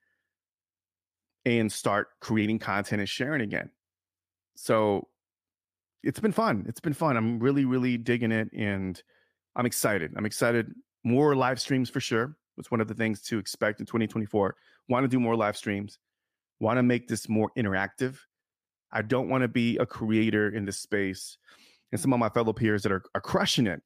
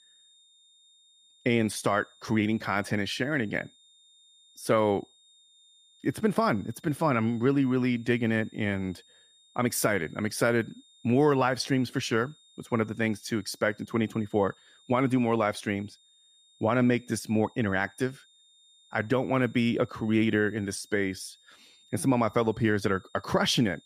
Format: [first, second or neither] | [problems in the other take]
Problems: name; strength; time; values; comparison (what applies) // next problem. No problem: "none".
first | high-pitched whine; faint; throughout; 3.5 kHz, 30 dB below the speech